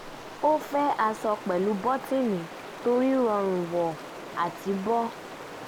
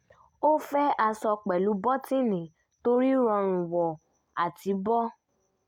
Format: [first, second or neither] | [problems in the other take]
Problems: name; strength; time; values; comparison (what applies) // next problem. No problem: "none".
second | background sound (Stream); 13 dB below the speech